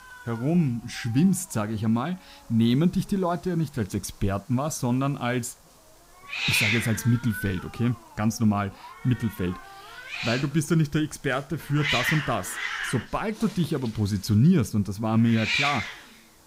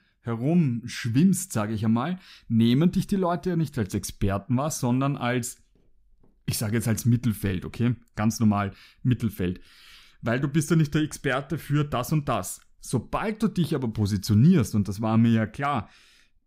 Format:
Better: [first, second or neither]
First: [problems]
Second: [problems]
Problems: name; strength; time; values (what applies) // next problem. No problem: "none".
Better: second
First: hiss; loud; throughout; 2 dB below the speech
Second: none